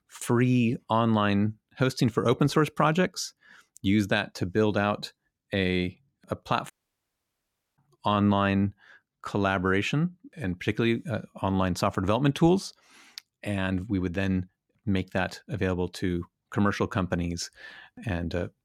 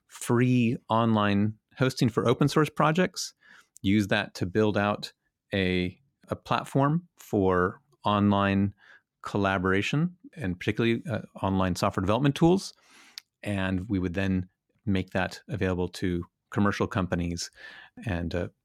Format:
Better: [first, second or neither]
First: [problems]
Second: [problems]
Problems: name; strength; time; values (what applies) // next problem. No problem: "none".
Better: second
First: audio cutting out; at 6.5 s for 1 s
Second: none